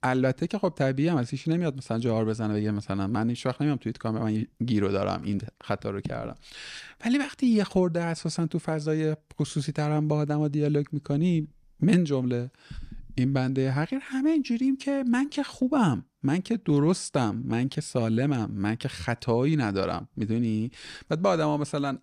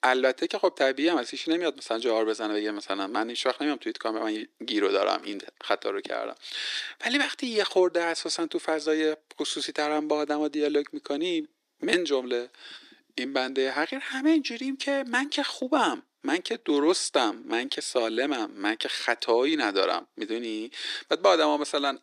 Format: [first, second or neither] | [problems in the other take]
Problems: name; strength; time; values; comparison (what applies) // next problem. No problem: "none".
first | thin; somewhat; fading below 300 Hz